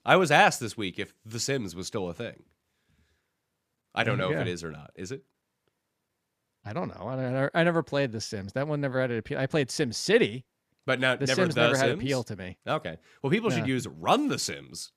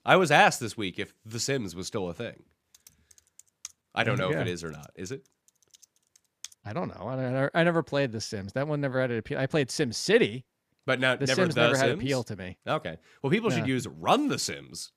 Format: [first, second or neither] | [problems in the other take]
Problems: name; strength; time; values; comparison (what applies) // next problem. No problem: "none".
first | keyboard typing; faint; from 2.5 to 6.5 s; peak 15 dB below the speech